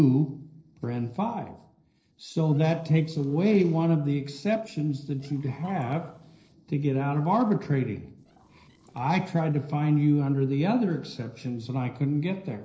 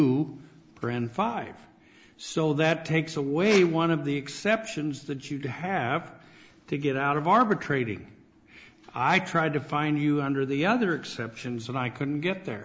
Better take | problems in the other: second | noise reduction (neural separator model SepFormer DNS4)

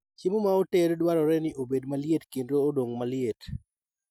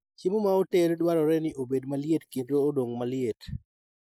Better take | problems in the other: first | noise reduction (neural mask model Resemble Enhance denoiser)

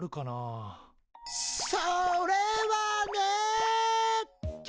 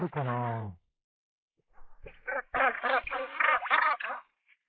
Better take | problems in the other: first | noise reduction (neural mask model Resemble Enhance denoiser)

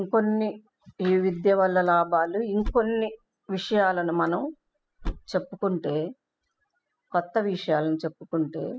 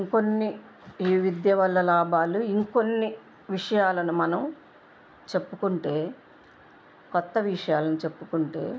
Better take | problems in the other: second | noise reduction (classical method spectral subtraction)

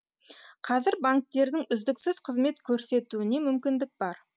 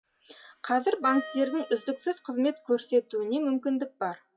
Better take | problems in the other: first | noise reduction (classical method WPE with log-MMSE)

